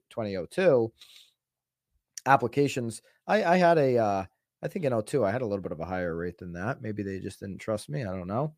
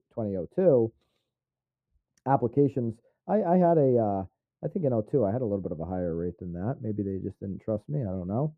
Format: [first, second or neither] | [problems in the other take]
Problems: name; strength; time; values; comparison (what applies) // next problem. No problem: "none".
first | muffled; very; fading above 1 kHz